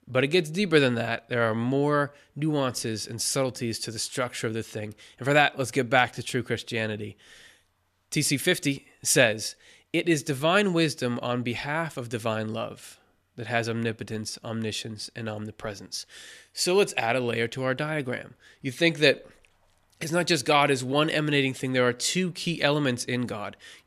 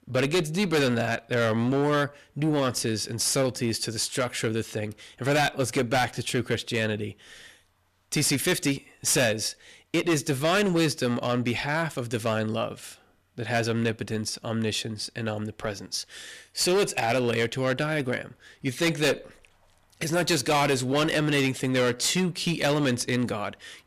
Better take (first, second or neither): first